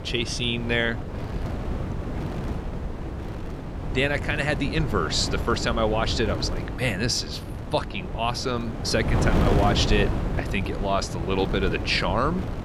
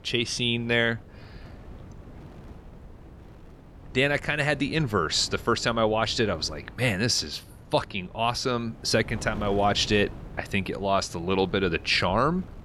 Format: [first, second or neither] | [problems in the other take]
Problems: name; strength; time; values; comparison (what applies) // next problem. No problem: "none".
second | wind noise on the microphone; heavy; 9 dB below the speech; occasional gusts in the second